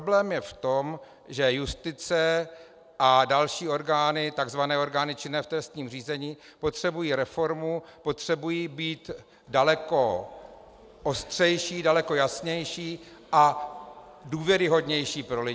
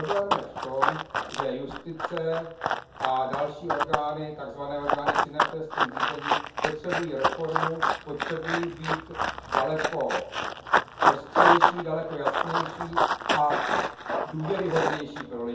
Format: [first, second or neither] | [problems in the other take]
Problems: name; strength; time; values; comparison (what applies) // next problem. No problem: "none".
first | background sound (Run); 4 dB above the speech // room echo; dies away in 0.6 s